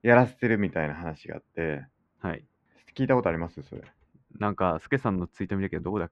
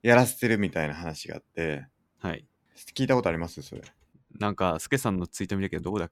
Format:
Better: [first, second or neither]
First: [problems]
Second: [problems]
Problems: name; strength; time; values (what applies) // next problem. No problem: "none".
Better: second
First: muffled; very; fading above 1.5 kHz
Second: none